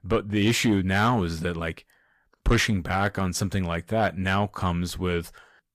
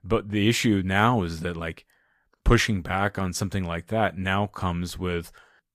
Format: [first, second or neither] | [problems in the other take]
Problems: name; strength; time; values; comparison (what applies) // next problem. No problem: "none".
second | distortion; slight; 10 dB below the speech